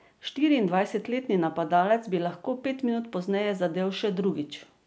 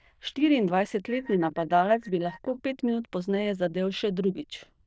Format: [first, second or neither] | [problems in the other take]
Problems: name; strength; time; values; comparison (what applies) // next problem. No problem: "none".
first | noise reduction (neural diffusion model UNIVERSE++)